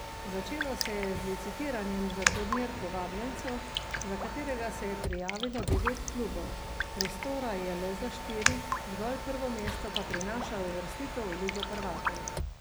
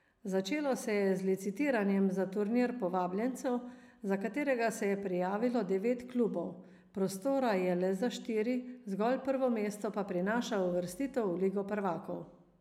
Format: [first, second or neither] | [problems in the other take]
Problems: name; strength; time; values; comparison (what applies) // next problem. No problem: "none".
second | background sound (Mechanisms + Raindrop); 1 dB above the speech